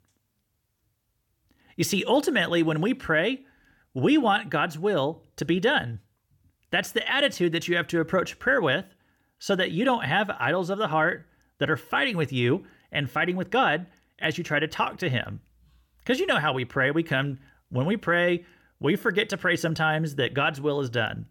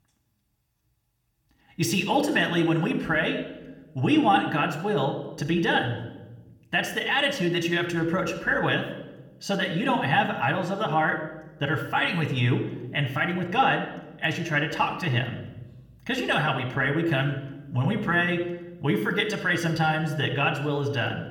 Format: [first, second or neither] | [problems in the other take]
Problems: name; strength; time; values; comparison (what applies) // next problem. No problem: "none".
first | room echo; slight; dies away in 0.8 s // off-mic speech; somewhat distant